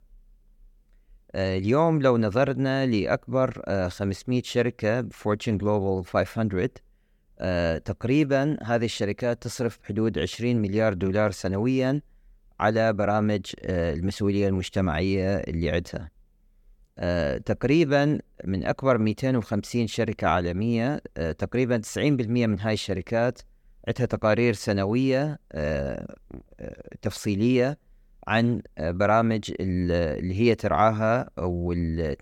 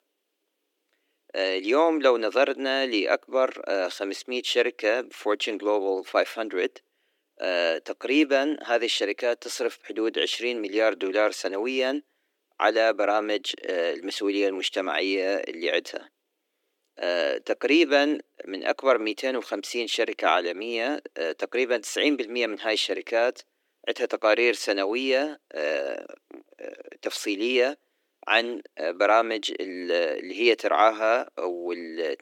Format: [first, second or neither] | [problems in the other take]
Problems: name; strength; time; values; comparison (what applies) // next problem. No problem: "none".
first | thin; somewhat; fading below 300 Hz